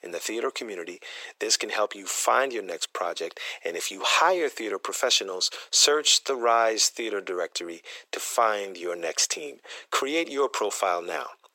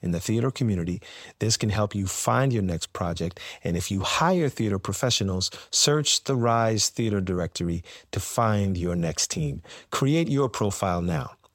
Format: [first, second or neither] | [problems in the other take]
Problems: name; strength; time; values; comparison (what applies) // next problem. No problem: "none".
second | thin; very; fading below 350 Hz